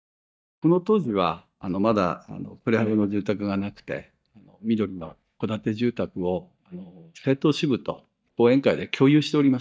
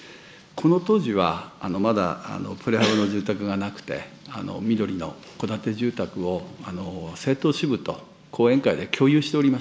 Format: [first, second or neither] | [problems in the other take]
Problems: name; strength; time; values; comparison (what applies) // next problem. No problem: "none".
second | noise reduction (neural mask model DeepFilterNet 3)